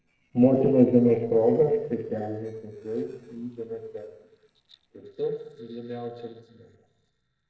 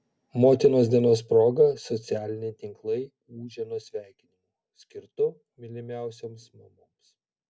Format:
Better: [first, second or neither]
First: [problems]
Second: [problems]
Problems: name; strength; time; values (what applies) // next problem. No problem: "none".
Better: second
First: noise reduction (neural separator model SepFormer DNS4)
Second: none